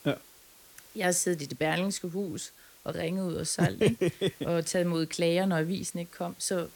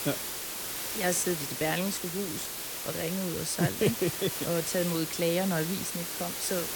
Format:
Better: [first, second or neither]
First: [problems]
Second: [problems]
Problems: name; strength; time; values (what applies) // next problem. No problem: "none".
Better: first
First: hiss; faint; throughout; 25 dB below the speech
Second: hiss; loud; throughout; 2 dB below the speech